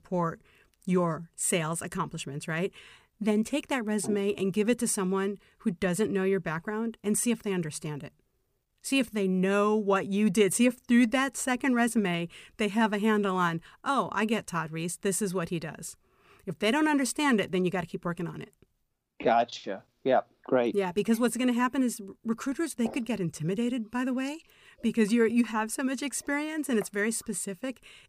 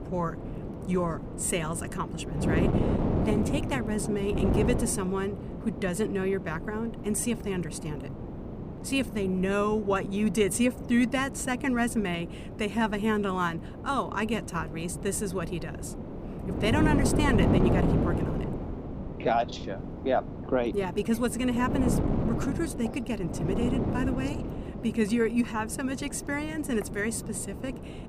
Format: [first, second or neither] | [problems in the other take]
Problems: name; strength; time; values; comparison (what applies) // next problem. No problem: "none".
first | wind noise on the microphone; heavy; 6 dB below the speech